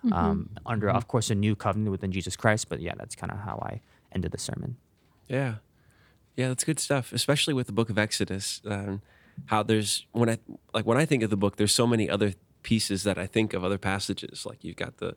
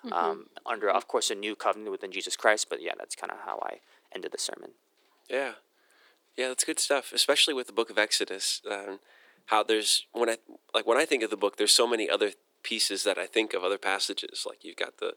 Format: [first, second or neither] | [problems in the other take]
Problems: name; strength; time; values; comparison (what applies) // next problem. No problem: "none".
first | thin; very; fading below 350 Hz